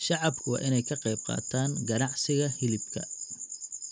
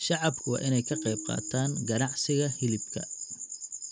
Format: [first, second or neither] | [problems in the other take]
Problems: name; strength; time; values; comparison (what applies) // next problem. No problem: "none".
first | background sound (Tabla); 15 dB below the speech